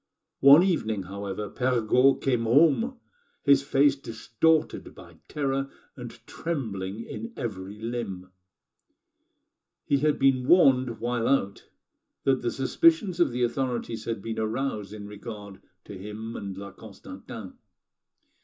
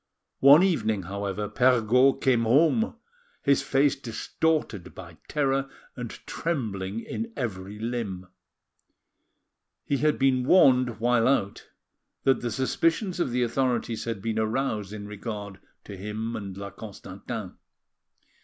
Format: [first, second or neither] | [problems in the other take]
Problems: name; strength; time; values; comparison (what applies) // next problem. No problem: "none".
second | room echo; dies away in 0.2 s